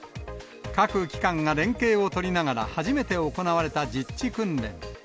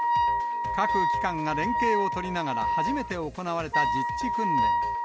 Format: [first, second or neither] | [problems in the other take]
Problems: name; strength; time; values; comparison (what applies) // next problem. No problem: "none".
first | background sound (Wind instrument, woodwind instrument); 5 dB above the speech